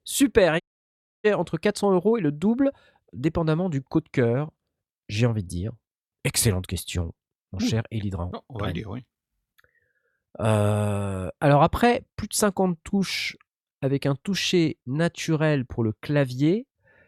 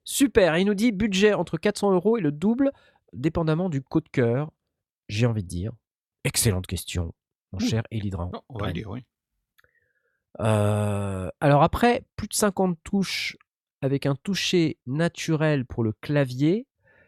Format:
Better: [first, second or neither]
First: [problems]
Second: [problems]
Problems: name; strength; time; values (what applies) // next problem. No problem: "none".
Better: second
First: audio cutting out; at 0.5 s for 0.5 s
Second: none